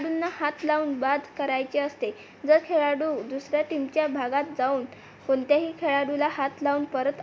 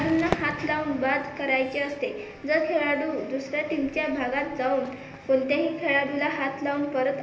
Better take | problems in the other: first | background sound (Crowd / Fireworks); 14 dB below the speech // room echo; dies away in 1.4 s

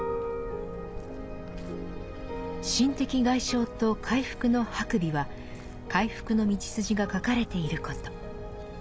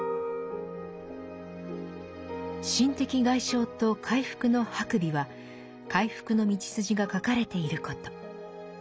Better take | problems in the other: second | background sound (Walk, footsteps); 11 dB below the speech

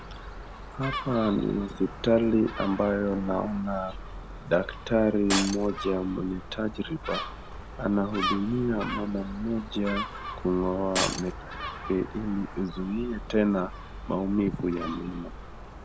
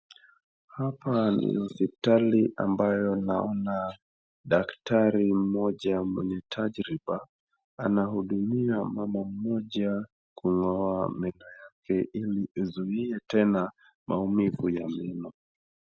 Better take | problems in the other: second | background sound (Gull, seagull + Shatter); 8 dB below the speech

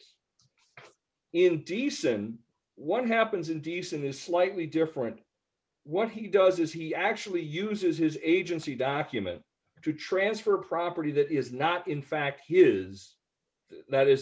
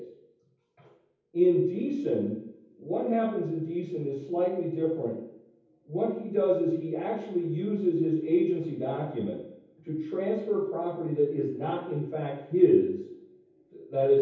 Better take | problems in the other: first | room echo; dies away in 0.9 s

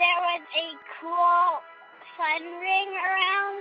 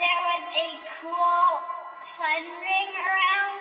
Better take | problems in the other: first | room echo; dies away in 2.3 s

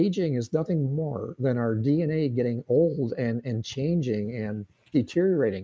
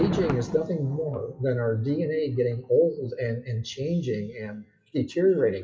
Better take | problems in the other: first | noise reduction (classical method WPE with log-MMSE)

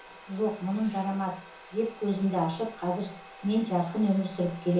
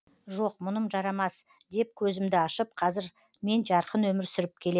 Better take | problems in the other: second | background sound (Domestic sounds, home sounds); 19 dB below the speech // room echo; dies away in 0.7 s

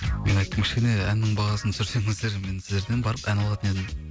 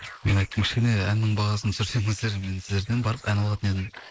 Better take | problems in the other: first | noise reduction (neural mask model Resemble Enhance denoiser)

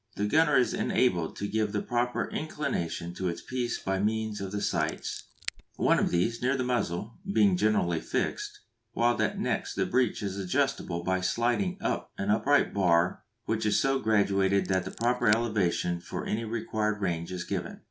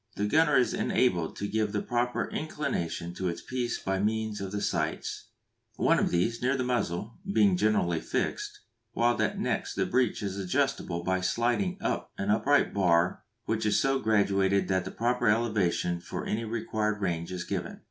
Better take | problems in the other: second | background sound (Scissors); 16 dB below the speech

